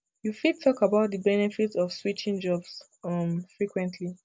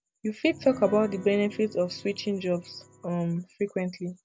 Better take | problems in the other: first | background sound (Piano); 16 dB below the speech

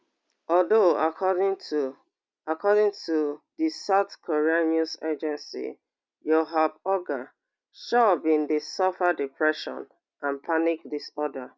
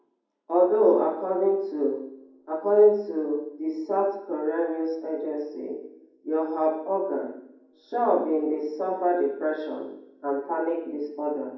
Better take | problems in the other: first | room echo; dies away in 1.2 s

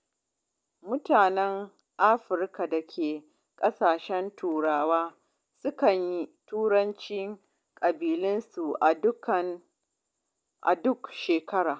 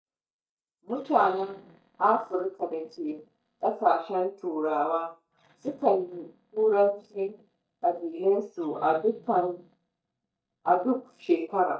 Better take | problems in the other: first | noise reduction (neural mask model DeepFilterNet 3)

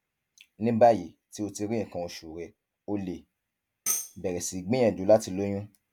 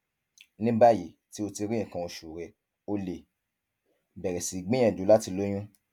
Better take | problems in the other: second | background sound (Tambourine); 8 dB below the speech

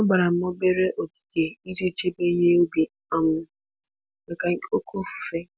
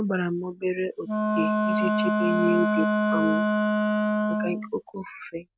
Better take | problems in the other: first | noise reduction (neural mask model RNNoise)

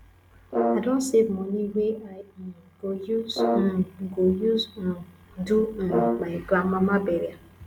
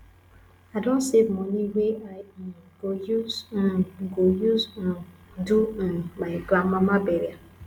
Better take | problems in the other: second | background sound (Brass instrument); 2 dB below the speech

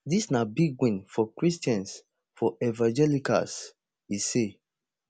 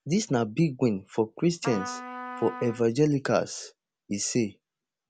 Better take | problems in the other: first | background sound (Trumpet); 12 dB below the speech

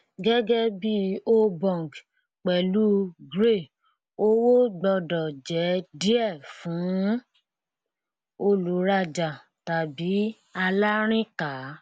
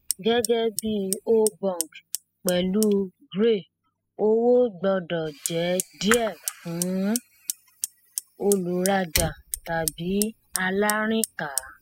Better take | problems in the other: first | noise reduction (classical method spectral subtraction)

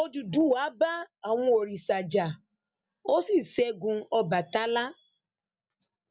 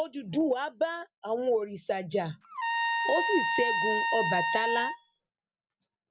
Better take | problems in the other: first | background sound (Trumpet); 2 dB above the speech

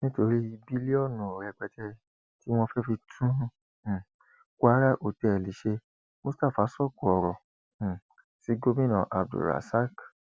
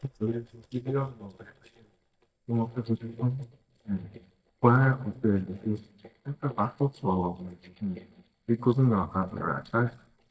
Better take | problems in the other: first | noise reduction (neural mask model DeepFilterNet 3)

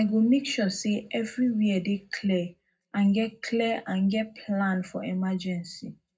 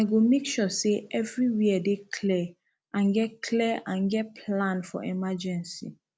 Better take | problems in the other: second | room echo; dies away in 0.3 s

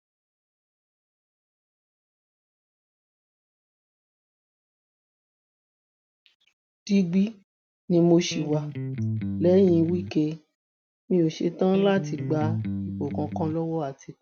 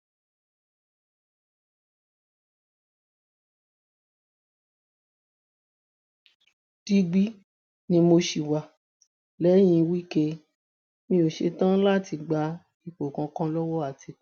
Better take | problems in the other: second | background sound (Electric guitar); 3 dB below the speech

